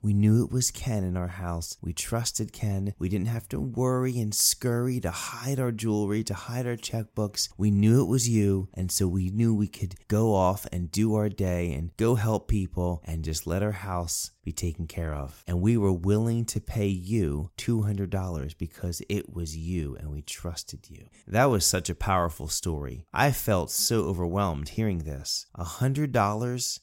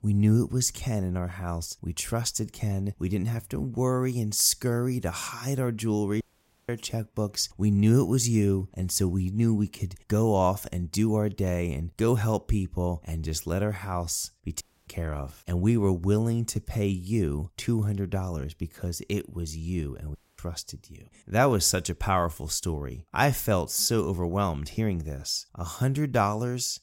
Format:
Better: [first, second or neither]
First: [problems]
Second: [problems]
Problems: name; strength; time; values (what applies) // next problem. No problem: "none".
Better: first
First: none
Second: audio cutting out; at 6 s, at 15 s and at 20 s